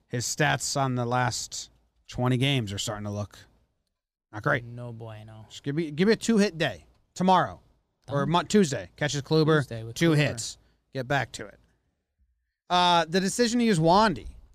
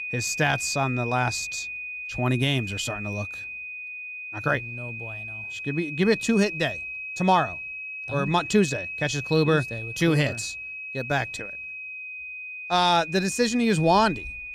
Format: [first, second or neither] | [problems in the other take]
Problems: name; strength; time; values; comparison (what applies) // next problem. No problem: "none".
first | high-pitched whine; loud; throughout; 2.5 kHz, 8 dB below the speech